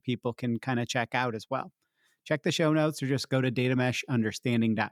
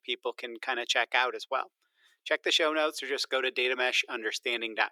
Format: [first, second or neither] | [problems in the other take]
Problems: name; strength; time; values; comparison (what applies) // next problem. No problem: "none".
first | thin; very; fading below 350 Hz